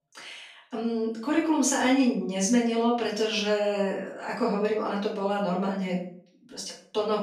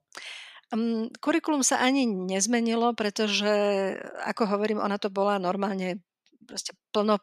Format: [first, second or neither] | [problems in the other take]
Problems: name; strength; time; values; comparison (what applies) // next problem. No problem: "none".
second | off-mic speech; far // room echo; noticeable; dies away in 0.5 s